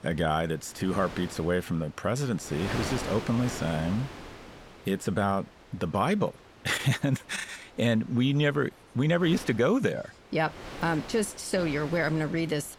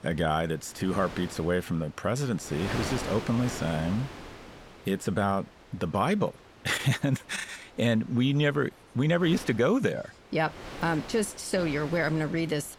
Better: neither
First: wind noise on the microphone; occasional gusts; 10 dB below the speech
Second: wind noise on the microphone; occasional gusts; 10 dB below the speech

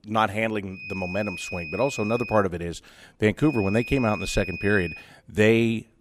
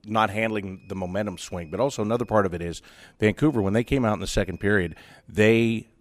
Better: second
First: high-pitched whine; loud; from 1 to 2.5 s and from 3.5 to 5 s; 2.5 kHz, 10 dB below the speech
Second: high-pitched whine; faint; from 1 to 2.5 s and from 3.5 to 5 s; 2.5 kHz, 35 dB below the speech

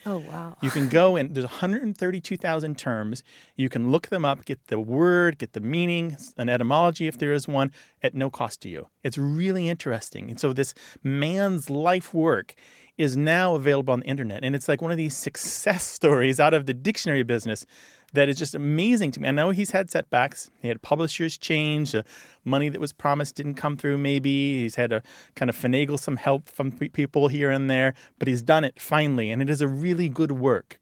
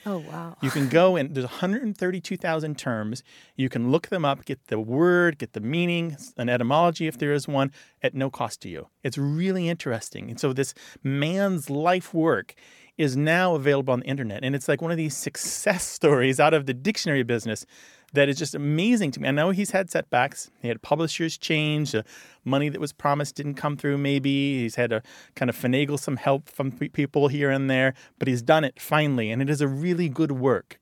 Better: second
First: garbled, watery; slightly; nothing above 18.5 kHz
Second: none

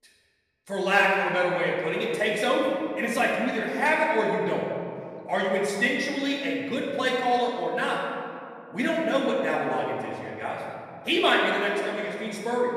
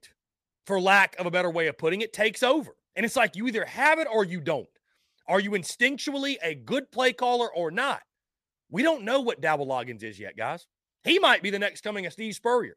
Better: second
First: room echo; noticeable; dies away in 2.1 s // off-mic speech; far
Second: none

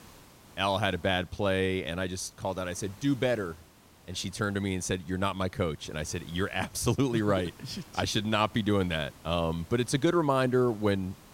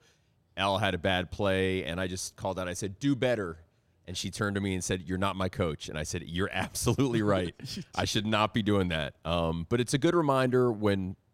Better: second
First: hiss; faint; throughout; 25 dB below the speech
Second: none

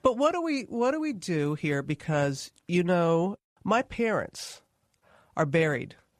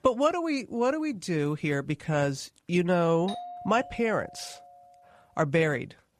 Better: first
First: none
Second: doorbell; faint; from 3.5 to 5 s; peak 10 dB below the speech

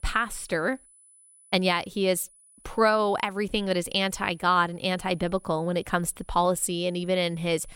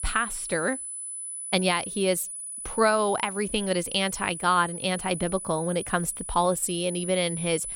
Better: first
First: high-pitched whine; faint; throughout; 10 kHz, 30 dB below the speech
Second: high-pitched whine; loud; throughout; 10 kHz, 7 dB below the speech

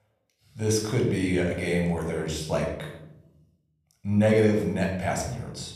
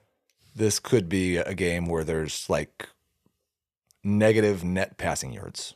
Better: second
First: off-mic speech; somewhat distant // room echo; noticeable; dies away in 0.8 s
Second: none

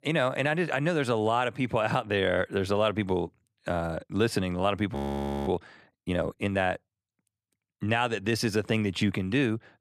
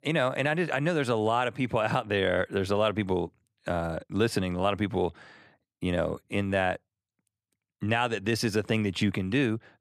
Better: second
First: audio freezing; at 5 s for 0.5 s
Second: none

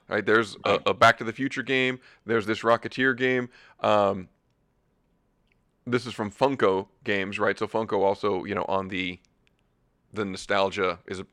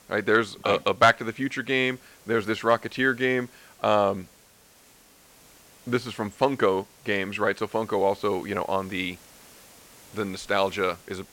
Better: first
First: none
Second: hiss; faint; throughout; 25 dB below the speech

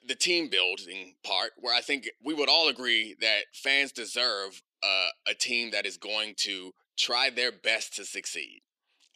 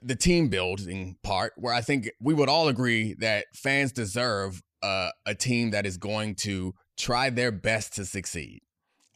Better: second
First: thin; somewhat; fading below 350 Hz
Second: none

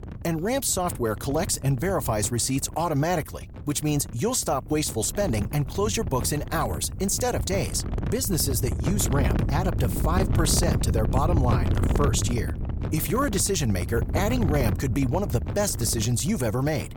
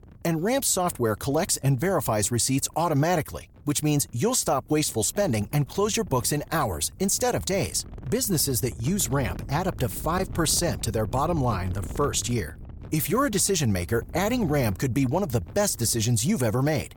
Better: second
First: wind noise on the microphone; heavy; 10 dB below the speech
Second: wind noise on the microphone; occasional gusts; 25 dB below the speech

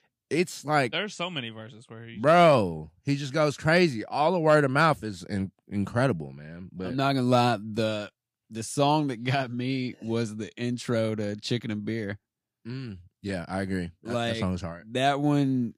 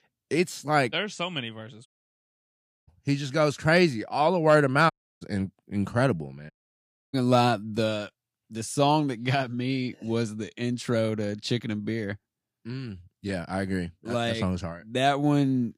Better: first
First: none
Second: audio cutting out; at 2 s for 1 s, at 5 s and at 6.5 s for 0.5 s

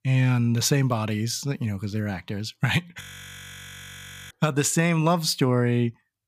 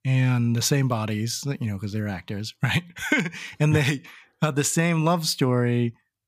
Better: second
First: audio freezing; at 3 s for 1.5 s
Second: none

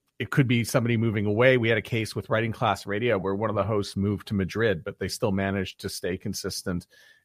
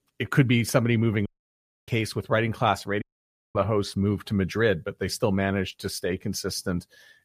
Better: first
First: none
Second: audio cutting out; at 1.5 s for 0.5 s and at 3 s for 0.5 s

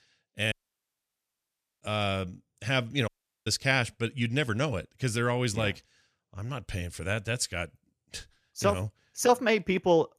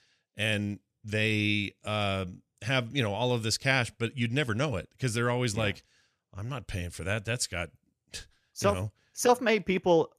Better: second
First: audio cutting out; at 0.5 s for 1.5 s and at 3 s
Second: none

